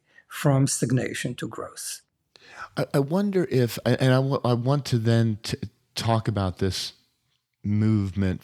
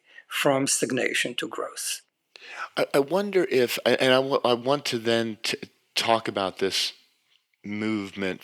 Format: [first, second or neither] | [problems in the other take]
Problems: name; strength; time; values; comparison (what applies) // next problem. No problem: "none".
first | thin; somewhat; fading below 400 Hz